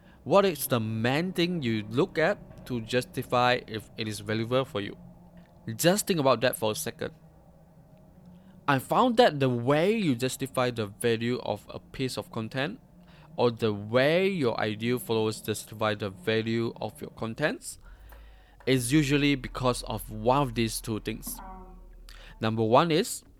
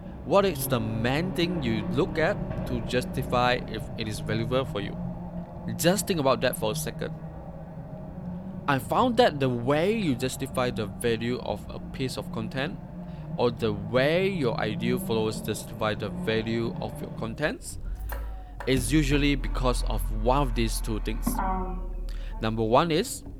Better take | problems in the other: first | traffic noise; loud; throughout; 9 dB below the speech; faint in the first

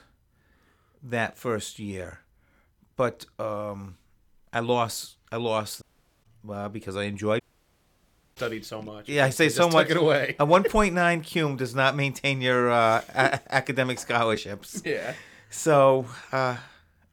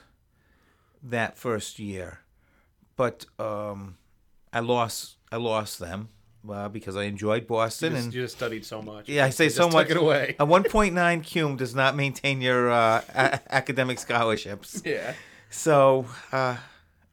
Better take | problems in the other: second | audio cutting out; at 6 s and at 7.5 s for 1 s

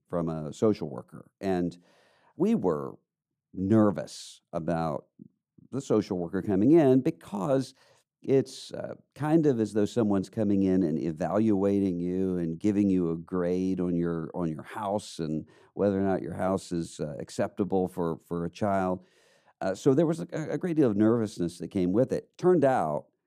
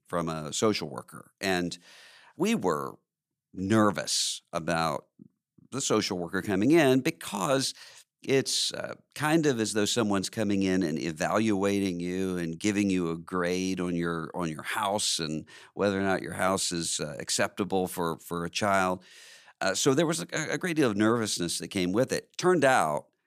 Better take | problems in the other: second | muffled; slightly; fading above 1 kHz

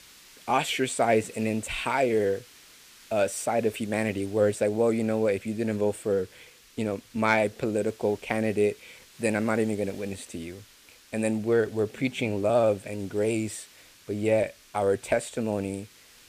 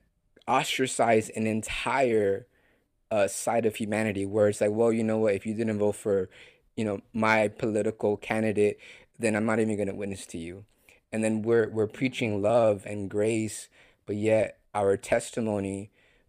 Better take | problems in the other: second | hiss; faint; throughout; 25 dB below the speech

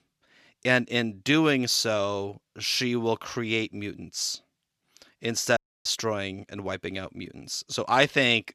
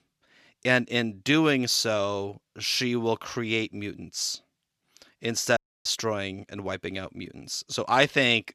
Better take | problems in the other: neither | audio cutting out; at 5.5 s; the same in both

